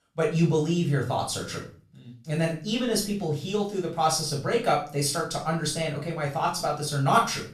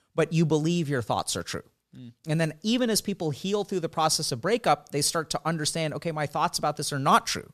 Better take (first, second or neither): second